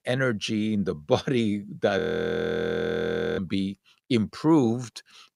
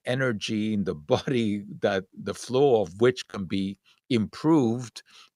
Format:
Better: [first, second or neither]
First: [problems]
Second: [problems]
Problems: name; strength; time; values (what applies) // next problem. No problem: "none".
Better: second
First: audio freezing; at 2 s for 1.5 s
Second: none